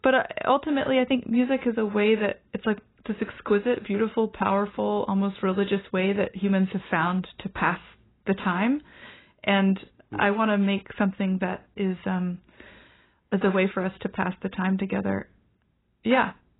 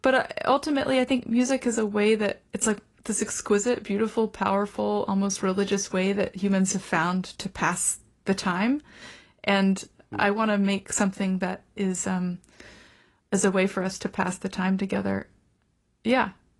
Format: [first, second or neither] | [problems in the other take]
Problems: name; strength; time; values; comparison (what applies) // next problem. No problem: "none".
second | garbled, watery; badly; nothing above 4 kHz; slightly in the second